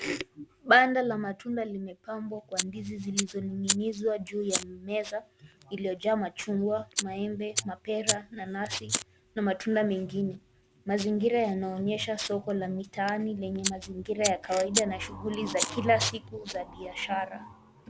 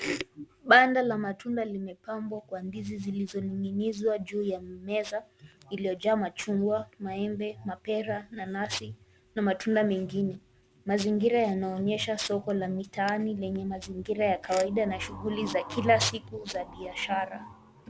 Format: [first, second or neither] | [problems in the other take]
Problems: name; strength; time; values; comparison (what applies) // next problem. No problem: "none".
second | background sound (Fire); 5 dB below the speech